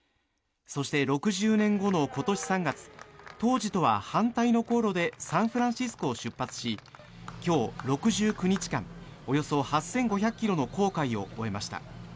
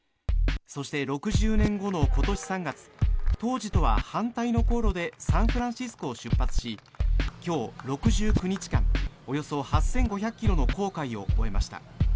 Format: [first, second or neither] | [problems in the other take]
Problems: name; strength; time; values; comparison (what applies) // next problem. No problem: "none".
first | background sound (Scratching (performance technique)); 5 dB above the speech